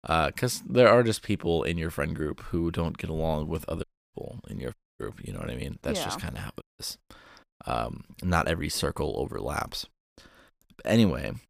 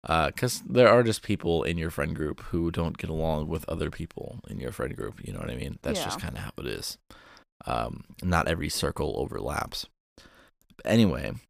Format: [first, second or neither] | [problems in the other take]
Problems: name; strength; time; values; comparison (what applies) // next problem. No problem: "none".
second | audio cutting out; at 4 s, at 4.5 s and at 6.5 s